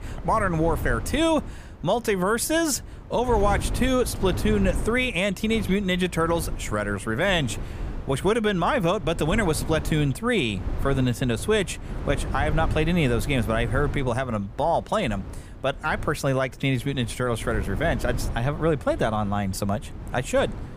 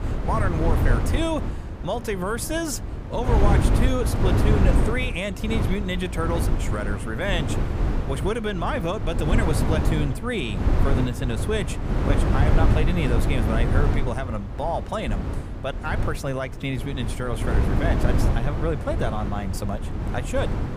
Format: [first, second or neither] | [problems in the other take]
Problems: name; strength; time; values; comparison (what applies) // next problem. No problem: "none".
first | wind noise on the microphone; heavy; 4 dB below the speech; occasional gusts in the first